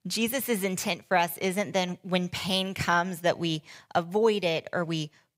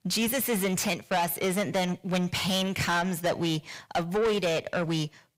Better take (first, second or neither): first